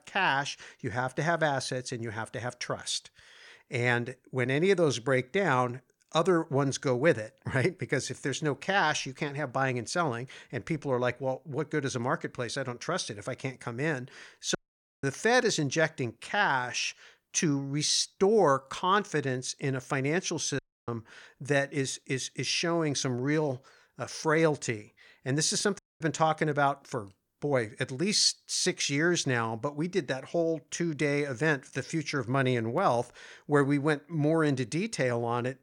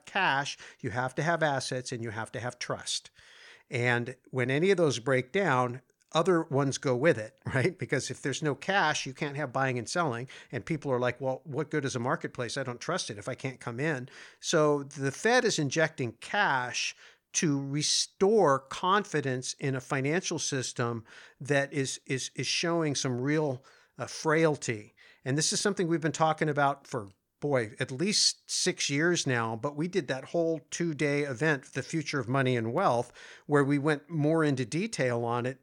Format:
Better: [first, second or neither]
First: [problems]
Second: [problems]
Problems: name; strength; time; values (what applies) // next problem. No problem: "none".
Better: second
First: audio cutting out; at 15 s, at 21 s and at 26 s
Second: none